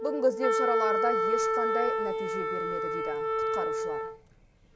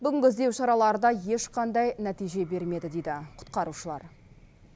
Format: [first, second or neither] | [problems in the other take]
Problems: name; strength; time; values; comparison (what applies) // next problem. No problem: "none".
second | background sound (Wind instrument, woodwind instrument); 4 dB above the speech // room echo; dies away in 0.3 s